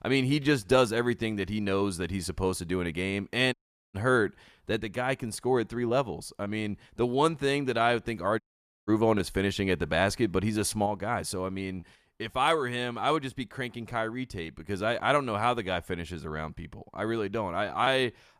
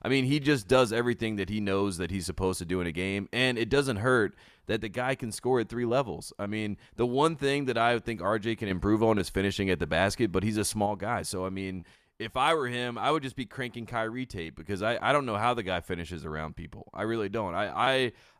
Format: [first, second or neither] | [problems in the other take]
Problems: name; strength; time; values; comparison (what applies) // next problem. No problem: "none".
second | audio cutting out; at 3.5 s and at 8.5 s